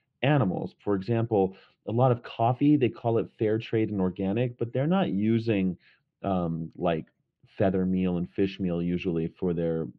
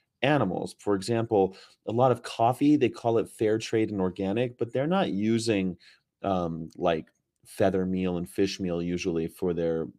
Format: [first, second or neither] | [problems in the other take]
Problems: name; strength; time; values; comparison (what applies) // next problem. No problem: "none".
second | muffled; slightly; fading above 3 kHz